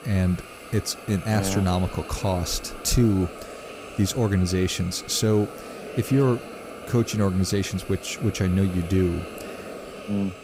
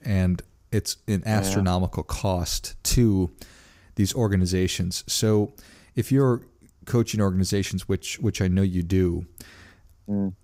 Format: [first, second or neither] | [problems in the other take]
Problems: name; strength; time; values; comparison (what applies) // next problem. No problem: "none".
second | hiss; noticeable; throughout; 15 dB below the speech